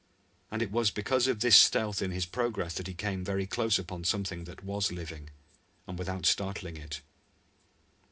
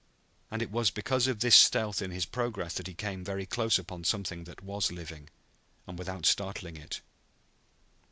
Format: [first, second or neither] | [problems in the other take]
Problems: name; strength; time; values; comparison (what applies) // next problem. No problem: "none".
second | room echo; dies away in 0.3 s